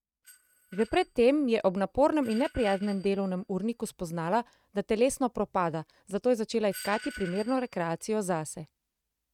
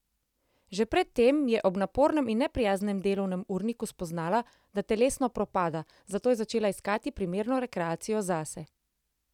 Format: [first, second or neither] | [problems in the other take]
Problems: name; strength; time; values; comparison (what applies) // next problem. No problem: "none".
second | noise reduction (neural mask model RNNoise)